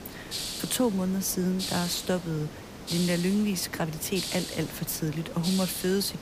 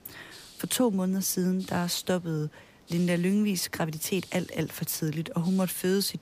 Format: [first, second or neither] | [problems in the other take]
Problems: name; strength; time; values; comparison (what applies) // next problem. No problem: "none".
second | hiss; loud; throughout; 7 dB below the speech; faint in the second